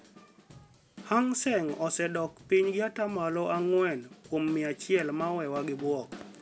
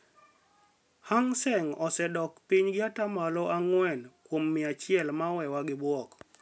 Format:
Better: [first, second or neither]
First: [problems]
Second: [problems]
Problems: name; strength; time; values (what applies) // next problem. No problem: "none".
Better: second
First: background sound (Drum / Drum kit); 19 dB below the speech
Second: none